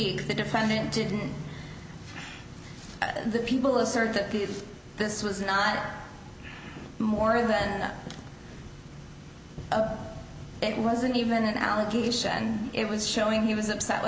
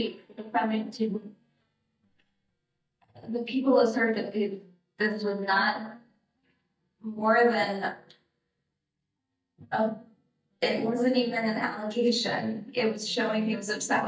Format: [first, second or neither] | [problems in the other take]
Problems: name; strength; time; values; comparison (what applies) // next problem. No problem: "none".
first | noise reduction (neural mask model DeepFilterNet 3)